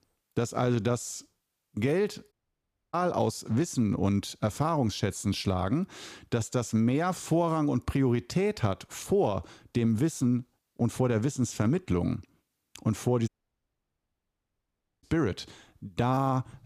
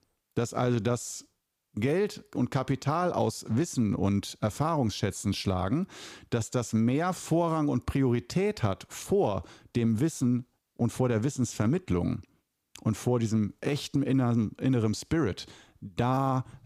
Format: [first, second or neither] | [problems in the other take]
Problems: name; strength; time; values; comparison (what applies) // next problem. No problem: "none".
second | audio cutting out; at 2.5 s for 0.5 s and at 13 s for 2 s